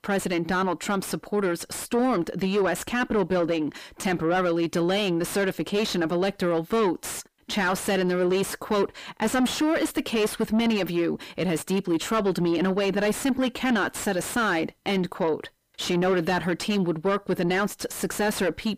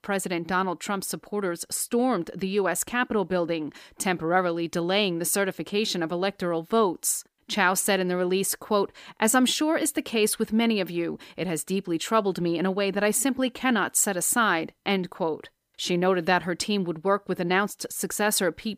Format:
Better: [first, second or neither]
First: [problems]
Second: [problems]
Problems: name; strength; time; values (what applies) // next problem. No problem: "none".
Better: second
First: distortion; heavy; 6 dB below the speech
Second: none